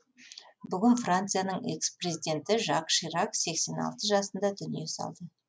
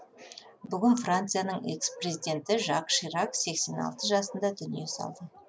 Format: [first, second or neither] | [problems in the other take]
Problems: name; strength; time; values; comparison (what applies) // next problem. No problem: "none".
first | background sound (Bark); 19 dB below the speech